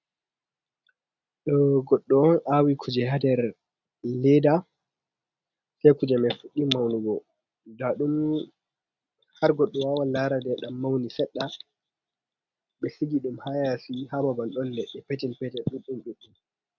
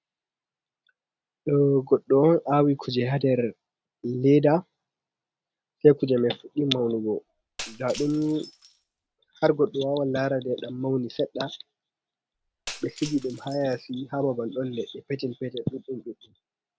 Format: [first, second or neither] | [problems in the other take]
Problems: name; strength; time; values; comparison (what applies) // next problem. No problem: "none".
first | background sound (Shatter); 18 dB below the speech